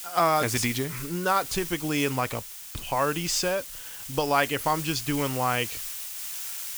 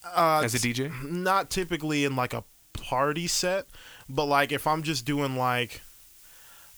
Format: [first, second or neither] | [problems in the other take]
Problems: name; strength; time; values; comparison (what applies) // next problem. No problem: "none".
second | hiss; loud; throughout; 8 dB below the speech; faint in the second